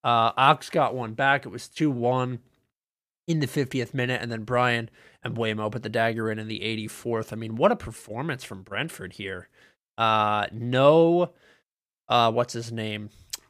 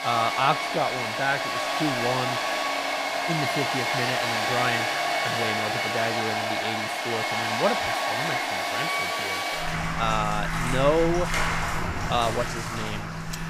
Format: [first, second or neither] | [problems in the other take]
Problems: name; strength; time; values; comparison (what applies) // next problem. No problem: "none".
first | household noises; very loud; throughout; 3 dB above the speech